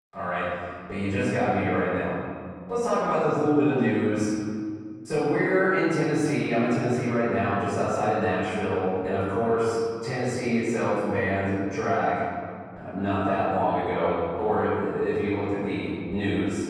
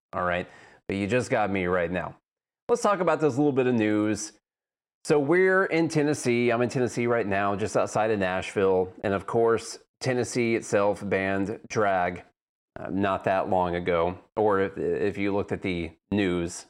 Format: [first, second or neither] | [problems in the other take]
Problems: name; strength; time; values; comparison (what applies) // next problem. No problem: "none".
second | off-mic speech; far // room echo; strong; dies away in 2.1 s